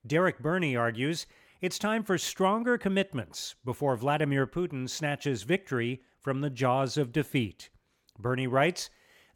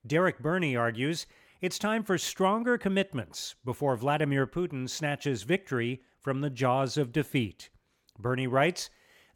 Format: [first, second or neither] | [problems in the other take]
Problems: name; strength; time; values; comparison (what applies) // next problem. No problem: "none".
neither | none